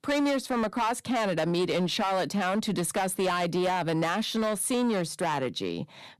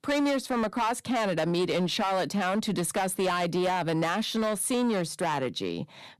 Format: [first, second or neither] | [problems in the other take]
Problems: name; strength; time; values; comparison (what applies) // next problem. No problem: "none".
neither | distortion; slight; 15% of the sound clipped; the same in both